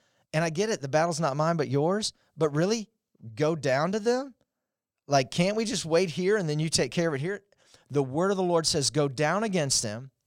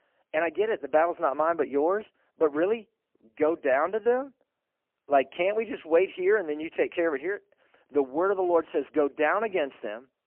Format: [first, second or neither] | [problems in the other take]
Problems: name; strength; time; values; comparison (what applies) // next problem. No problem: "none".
first | phone-call audio; poor line; nothing above 3 kHz